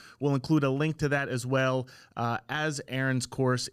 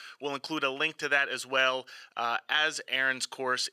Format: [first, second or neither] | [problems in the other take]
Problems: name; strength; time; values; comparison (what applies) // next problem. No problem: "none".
first | thin; very; fading below 500 Hz